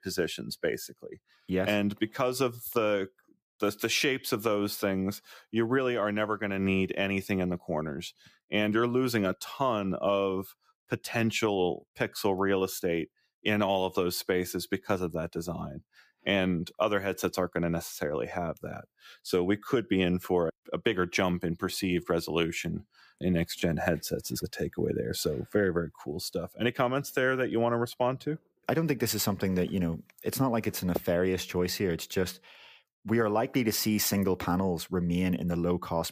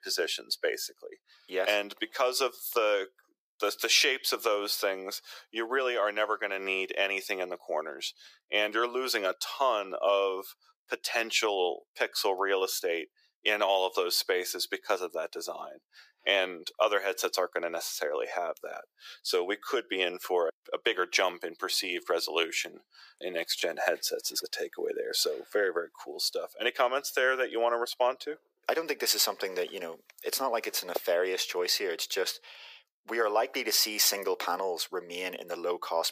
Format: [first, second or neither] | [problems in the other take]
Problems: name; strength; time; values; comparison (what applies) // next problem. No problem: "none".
first | thin; very; fading below 450 Hz